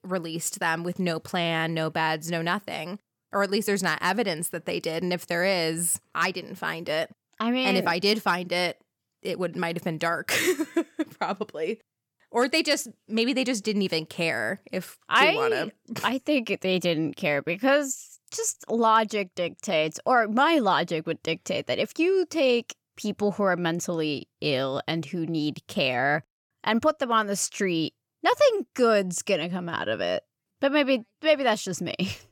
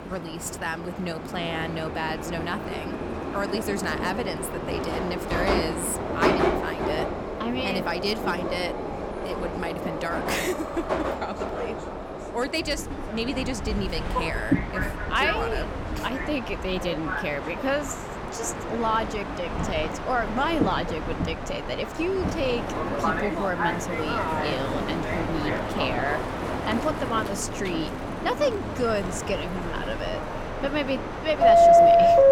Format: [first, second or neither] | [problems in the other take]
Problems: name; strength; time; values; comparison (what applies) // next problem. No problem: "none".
first | train or aircraft noise; very loud; throughout; 3 dB above the speech